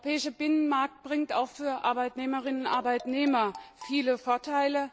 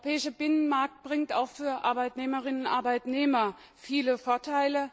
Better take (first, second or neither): second